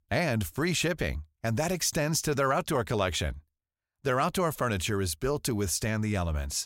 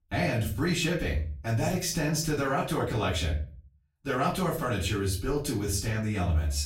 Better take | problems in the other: first | off-mic speech; far // room echo; slight; dies away in 0.4 s

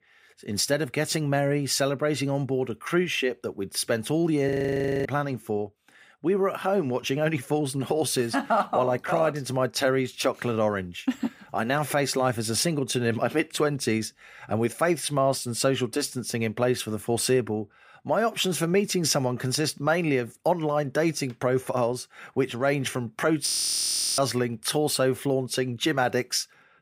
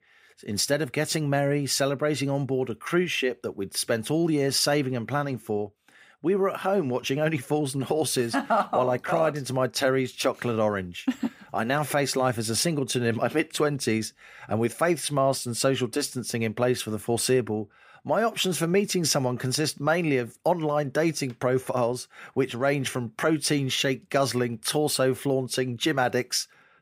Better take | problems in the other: second | audio freezing; at 4.5 s for 0.5 s and at 23 s for 0.5 s

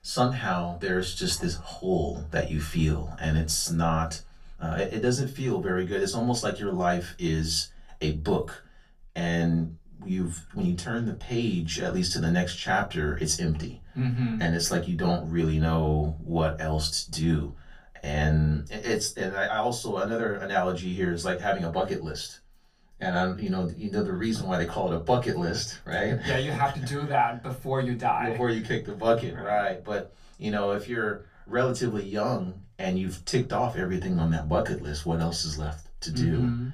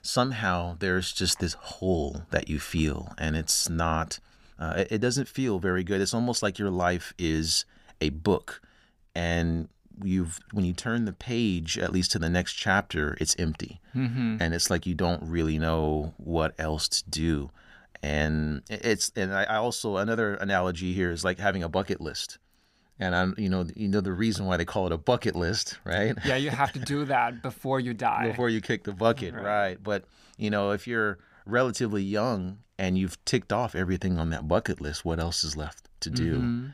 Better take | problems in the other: second | off-mic speech; far // room echo; very slight; dies away in 0.2 s

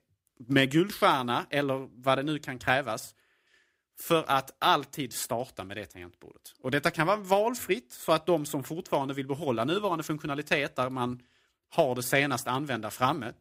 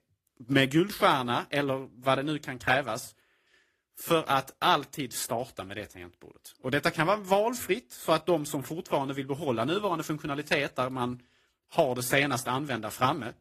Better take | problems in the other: first | garbled, watery; slightly; nothing above 14.5 kHz

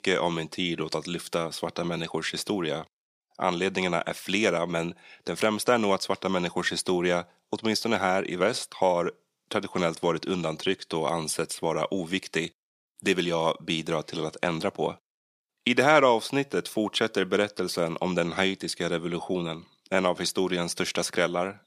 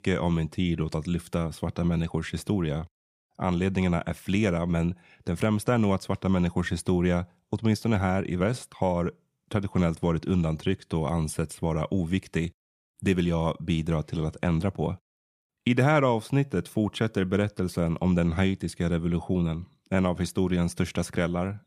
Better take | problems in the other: second | thin; somewhat; fading below 350 Hz

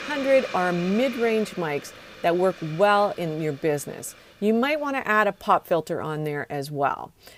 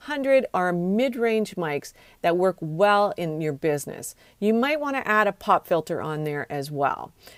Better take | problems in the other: second | hiss; noticeable; throughout; 15 dB below the speech

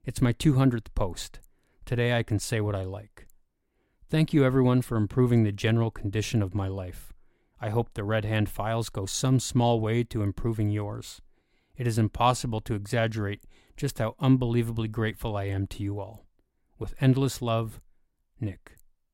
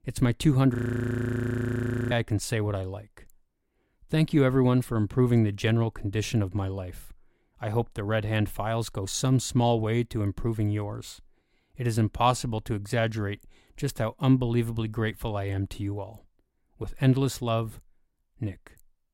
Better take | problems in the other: first | audio freezing; at 1 s for 1.5 s

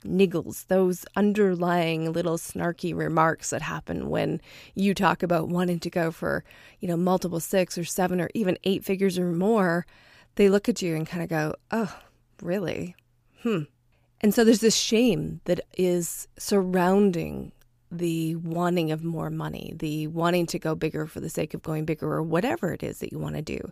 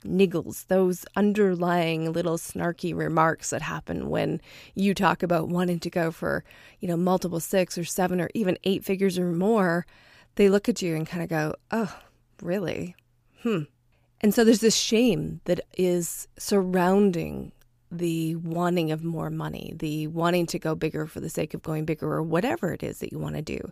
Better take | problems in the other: neither | none

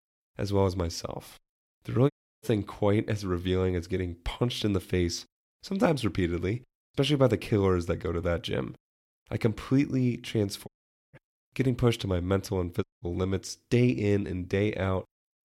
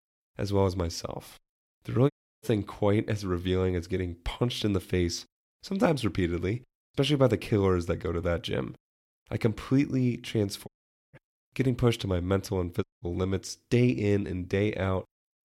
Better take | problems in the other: neither | audio cutting out; at 2 s, at 11 s and at 13 s; the same in both

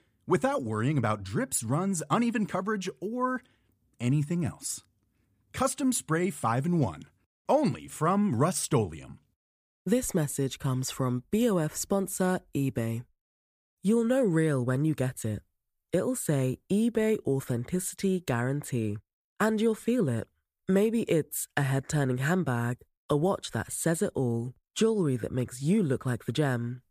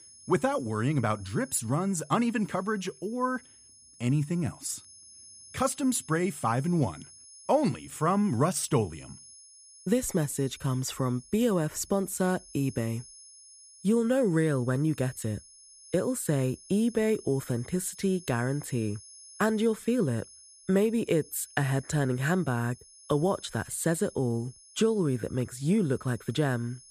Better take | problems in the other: first | high-pitched whine; faint; throughout; 10 kHz, 20 dB below the speech

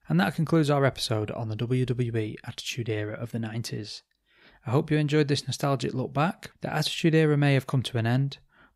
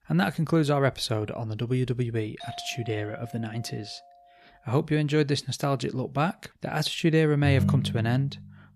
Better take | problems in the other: first | doorbell; faint; from 2.5 to 4.5 s; peak 15 dB below the speech // phone ringing; loud; at 7.5 s; peak 1 dB above the speech

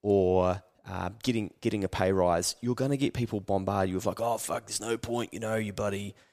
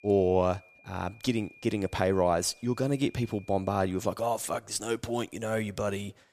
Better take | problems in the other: first | high-pitched whine; faint; until 4 s; 2.5 kHz, 25 dB below the speech

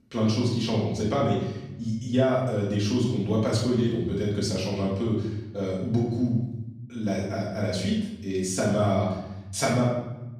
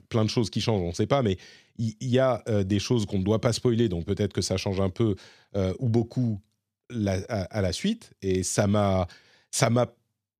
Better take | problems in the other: second | off-mic speech; far // room echo; noticeable; dies away in 0.9 s

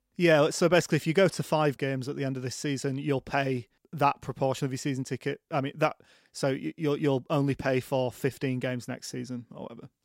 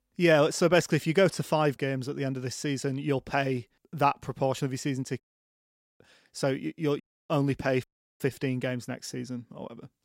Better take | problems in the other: first | audio cutting out; at 5 s for 1 s, at 7 s and at 8 s

